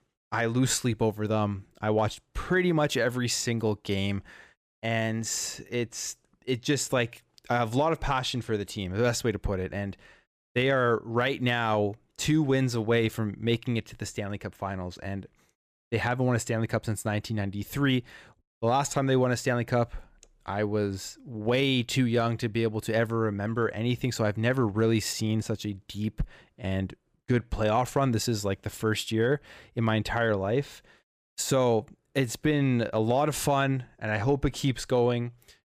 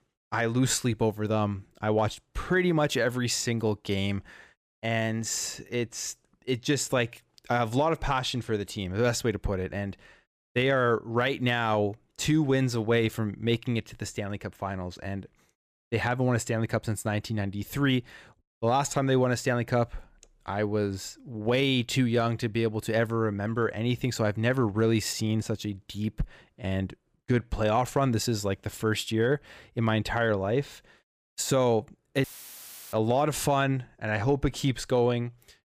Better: first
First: none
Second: audio cutting out; filled with static; at 32 s for 0.5 s

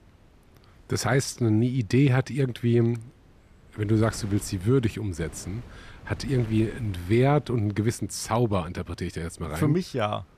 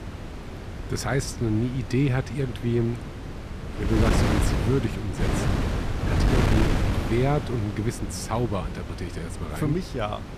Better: first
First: wind noise on the microphone; occasional gusts; 25 dB below the speech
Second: wind noise on the microphone; heavy; 2 dB below the speech

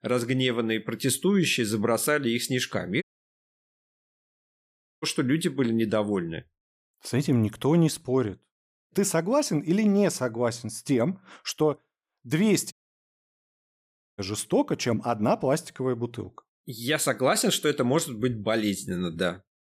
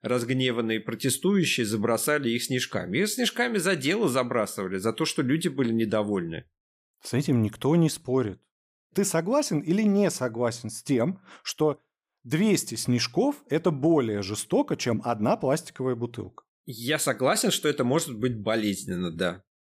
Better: second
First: audio cutting out; at 3 s for 2 s and at 13 s for 1.5 s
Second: none

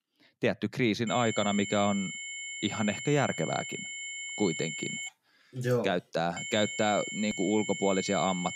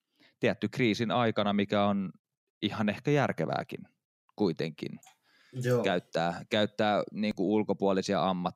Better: second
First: high-pitched whine; loud; from 1 to 5 s and from 6.5 s on; 2 kHz, 6 dB below the speech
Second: none

